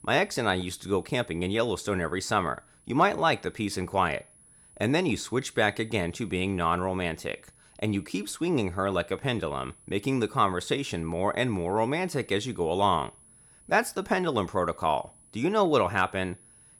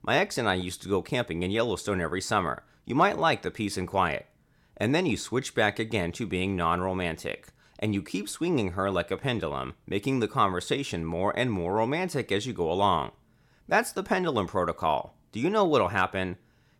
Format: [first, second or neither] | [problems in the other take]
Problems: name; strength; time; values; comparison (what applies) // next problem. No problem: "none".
second | high-pitched whine; faint; throughout; 10 kHz, 25 dB below the speech